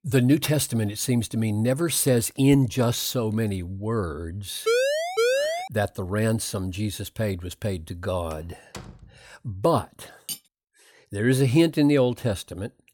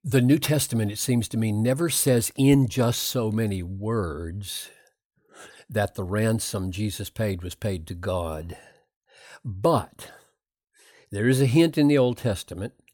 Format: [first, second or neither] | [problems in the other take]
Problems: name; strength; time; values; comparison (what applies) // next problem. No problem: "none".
second | siren; loud; from 4.5 to 5.5 s; peak 2 dB above the speech // door banging; faint; at 8.5 s; peak 20 dB below the speech // clattering dishes; faint; at 10 s; peak 10 dB below the speech